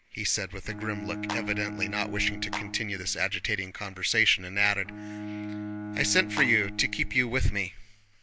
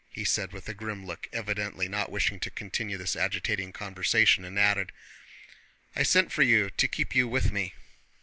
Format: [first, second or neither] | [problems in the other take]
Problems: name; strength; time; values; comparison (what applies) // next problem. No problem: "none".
second | background sound (Clapping + Bowed string instrument); 9 dB below the speech